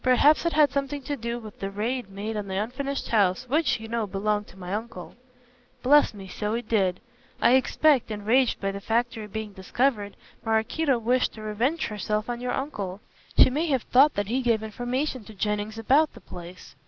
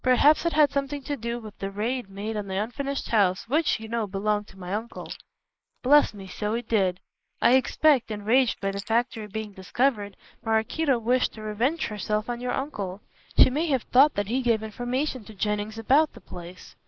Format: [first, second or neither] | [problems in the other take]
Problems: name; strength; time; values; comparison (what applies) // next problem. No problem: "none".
first | noise reduction (neural mask model Resemble Enhance denoiser)